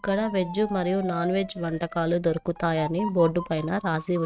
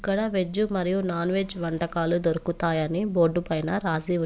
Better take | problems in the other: second | noise reduction (neural mask model RNNoise)

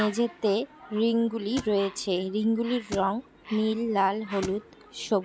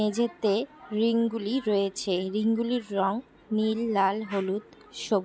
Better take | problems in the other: second | background sound (Bird + Thump, thud); 16 dB below the speech

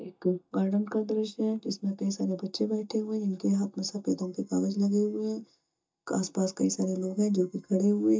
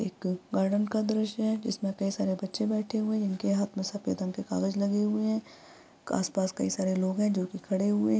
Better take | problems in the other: second | noise reduction (neural mask model DeepFilterNet 3)

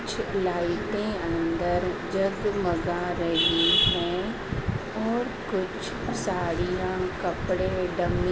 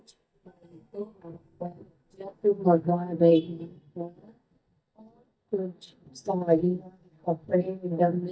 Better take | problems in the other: first | noise reduction (neural mask model DeepFilterNet 3)

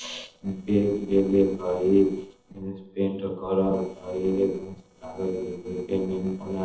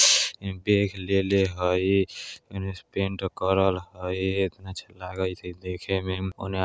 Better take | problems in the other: second | noise reduction (neural separator model SepFormer DNS4)

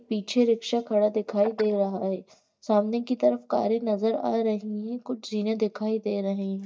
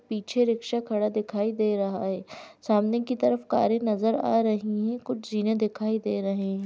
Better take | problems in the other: second | noise reduction (neural mask model DeepFilterNet 3)

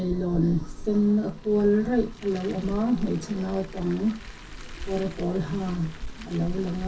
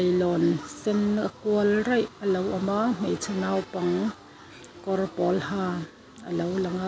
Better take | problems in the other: second | background sound (Car); 11 dB below the speech // room echo; dies away in 0.3 s

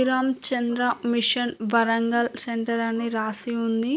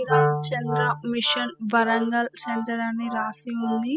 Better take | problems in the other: first | noise reduction (classical method spectral subtraction)

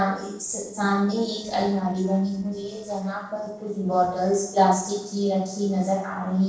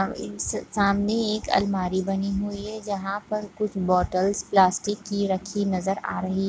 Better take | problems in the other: second | noise reduction (neural separator model SepFormer DNS4)

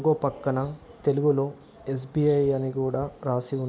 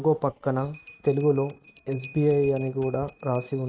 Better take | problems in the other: first | noise reduction (neural mask model RNNoise)

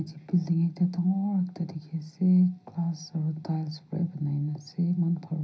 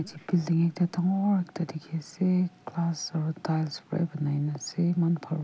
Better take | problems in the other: second | room echo; dies away in 0.5 s

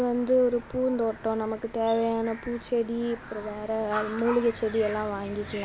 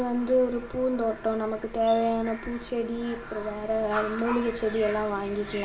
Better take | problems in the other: first | room echo; dies away in 0.4 s

